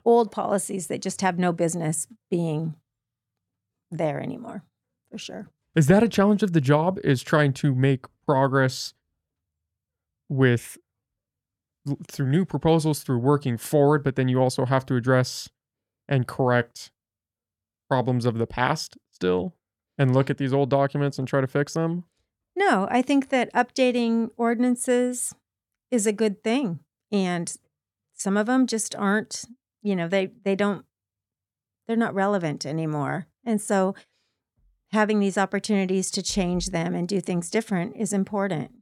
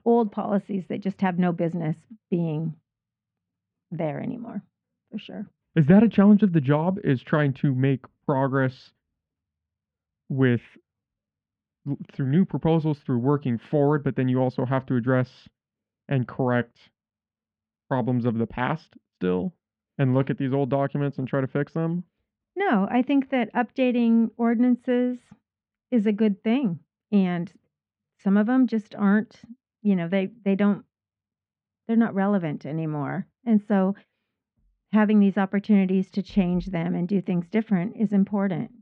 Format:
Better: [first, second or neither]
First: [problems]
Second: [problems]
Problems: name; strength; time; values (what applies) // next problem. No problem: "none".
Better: first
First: none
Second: muffled; very; fading above 3 kHz